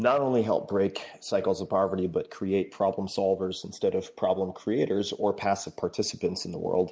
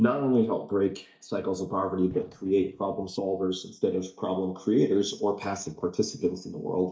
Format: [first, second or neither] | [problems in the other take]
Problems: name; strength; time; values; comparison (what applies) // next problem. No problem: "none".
first | noise reduction (neural mask model DeepFilterNet 3)